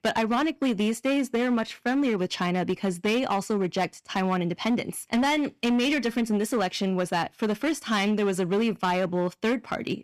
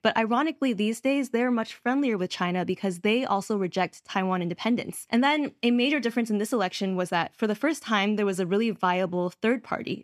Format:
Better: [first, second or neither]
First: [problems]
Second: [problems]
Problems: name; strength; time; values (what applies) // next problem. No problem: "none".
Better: second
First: distortion; slight; 12% of the sound clipped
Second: none